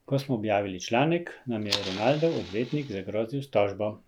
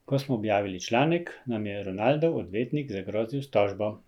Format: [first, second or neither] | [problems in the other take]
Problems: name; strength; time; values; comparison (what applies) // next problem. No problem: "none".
second | background sound (Fire); 10 dB below the speech